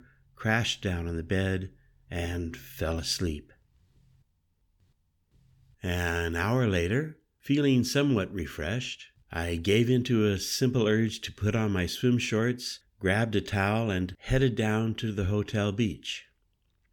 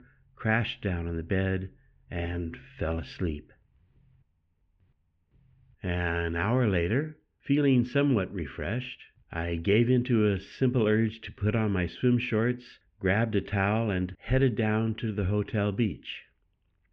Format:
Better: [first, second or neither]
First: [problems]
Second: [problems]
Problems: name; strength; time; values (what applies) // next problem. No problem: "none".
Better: first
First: none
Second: muffled; very; fading above 2.5 kHz